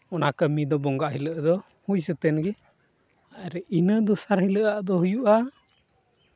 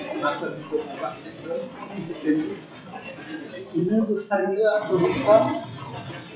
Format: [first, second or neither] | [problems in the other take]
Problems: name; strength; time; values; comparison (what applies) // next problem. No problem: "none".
first | noise reduction (classical method WPE with log-MMSE)